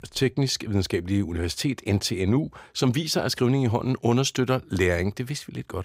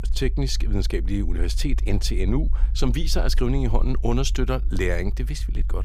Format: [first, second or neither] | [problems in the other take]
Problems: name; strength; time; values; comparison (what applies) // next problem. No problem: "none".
first | low rumble; noticeable; throughout; 20 dB below the speech